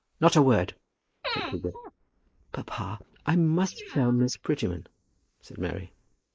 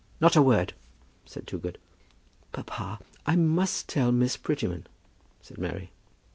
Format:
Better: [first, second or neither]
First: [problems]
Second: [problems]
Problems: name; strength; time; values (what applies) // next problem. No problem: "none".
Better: second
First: noise reduction (neural mask model Resemble Enhance denoiser)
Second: none